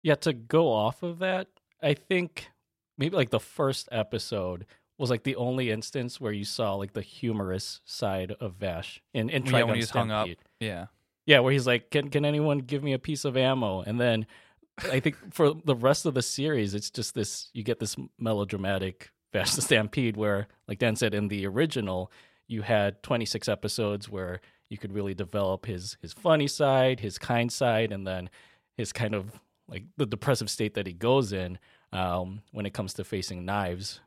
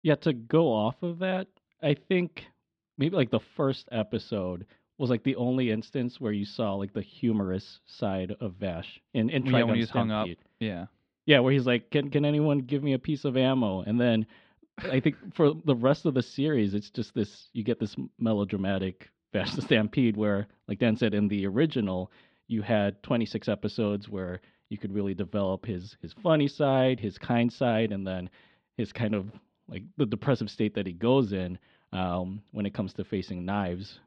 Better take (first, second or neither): first